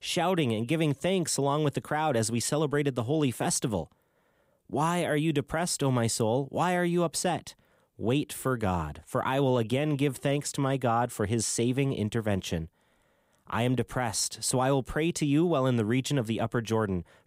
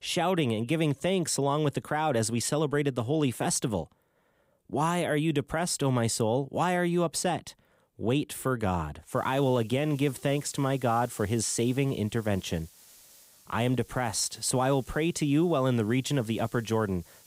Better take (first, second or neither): first